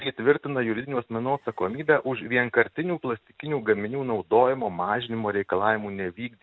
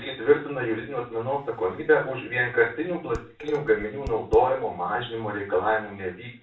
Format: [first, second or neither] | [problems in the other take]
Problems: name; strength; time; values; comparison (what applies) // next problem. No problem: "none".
first | background sound (Dishes, pots, and pans); 12 dB below the speech // room echo; dies away in 0.3 s